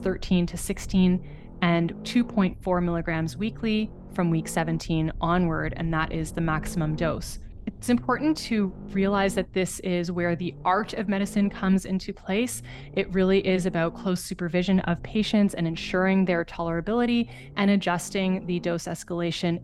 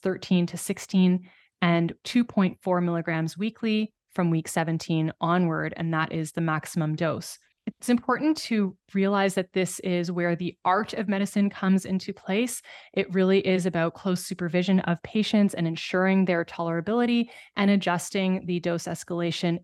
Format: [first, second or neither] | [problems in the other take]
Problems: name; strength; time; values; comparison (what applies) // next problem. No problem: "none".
second | low rumble; faint; throughout; 20 dB below the speech